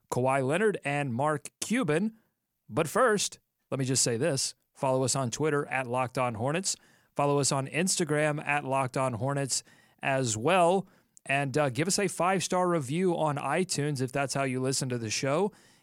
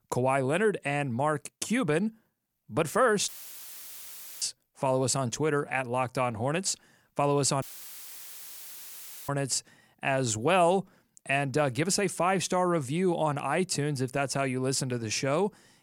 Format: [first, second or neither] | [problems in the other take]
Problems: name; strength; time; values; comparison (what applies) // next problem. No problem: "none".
first | audio cutting out; filled with static; at 3.5 s for 1 s and at 7.5 s for 1.5 s